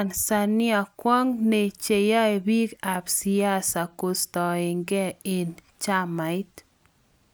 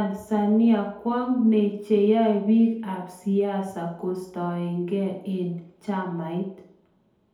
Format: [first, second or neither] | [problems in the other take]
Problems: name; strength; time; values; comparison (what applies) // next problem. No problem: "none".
first | room echo; dies away in 2.1 s